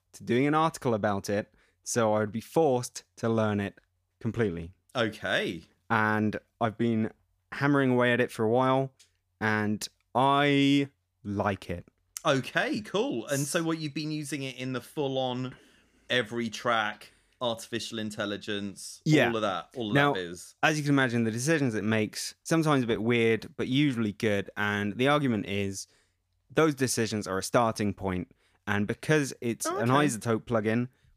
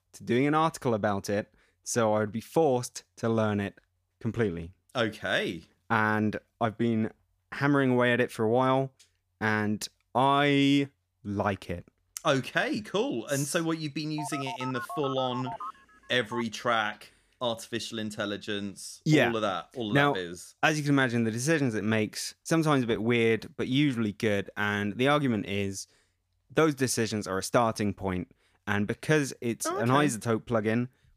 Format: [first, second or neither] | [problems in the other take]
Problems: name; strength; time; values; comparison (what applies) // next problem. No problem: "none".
first | phone ringing; noticeable; from 14 to 16 s; peak 9 dB below the speech